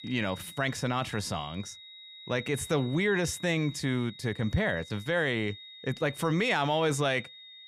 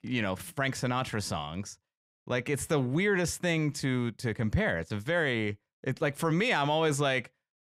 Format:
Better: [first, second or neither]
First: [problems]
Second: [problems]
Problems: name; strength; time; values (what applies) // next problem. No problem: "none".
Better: second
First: high-pitched whine; noticeable; throughout; 4 kHz, 15 dB below the speech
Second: none